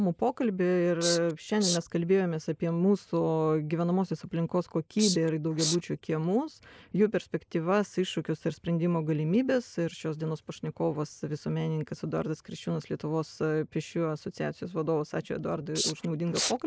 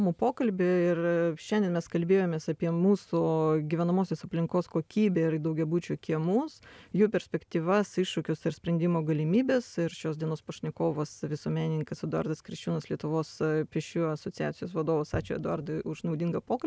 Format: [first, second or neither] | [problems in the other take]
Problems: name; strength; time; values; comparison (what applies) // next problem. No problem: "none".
second | noise reduction (neural mask model Resemble Enhance denoiser)